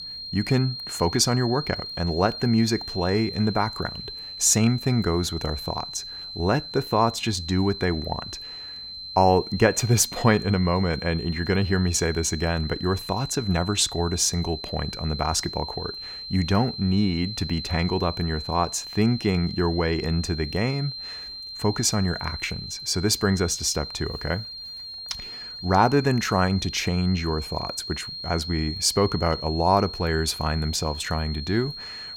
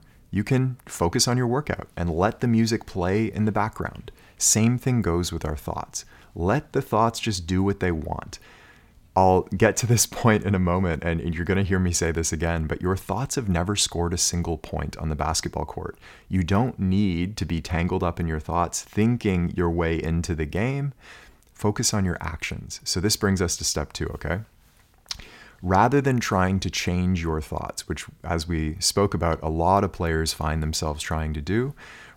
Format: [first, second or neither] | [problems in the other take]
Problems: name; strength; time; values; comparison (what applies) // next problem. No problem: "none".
second | high-pitched whine; loud; throughout; 4 kHz, 9 dB below the speech